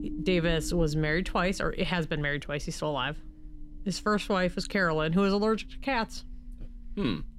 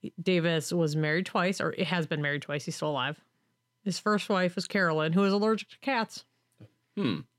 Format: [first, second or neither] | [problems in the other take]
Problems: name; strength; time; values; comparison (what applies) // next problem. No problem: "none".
second | low rumble; faint; throughout; 20 dB below the speech